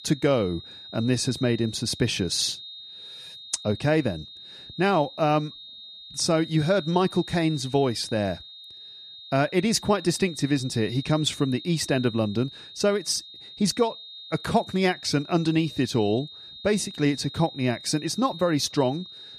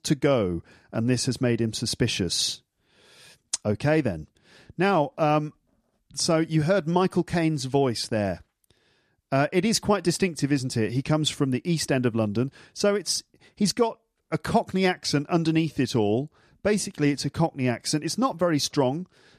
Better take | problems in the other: second | high-pitched whine; noticeable; throughout; 3.5 kHz, 15 dB below the speech

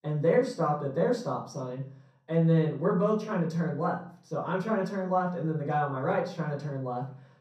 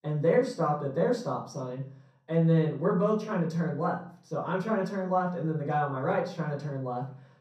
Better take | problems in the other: neither | room echo; noticeable; dies away in 0.6 s; the same in both // off-mic speech; far; the same in both

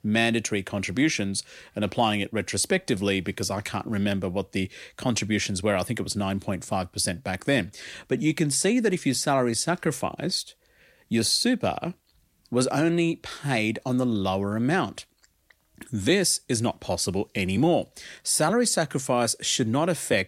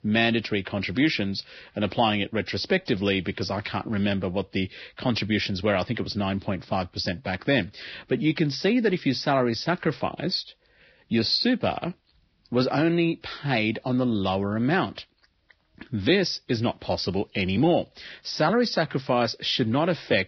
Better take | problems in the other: first | garbled, watery; badly; nothing above 5.5 kHz

